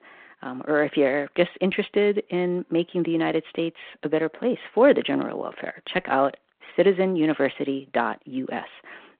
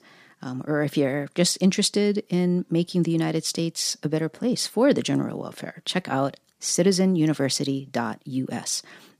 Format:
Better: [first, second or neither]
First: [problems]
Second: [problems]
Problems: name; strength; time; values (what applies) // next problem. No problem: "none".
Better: second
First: phone-call audio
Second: none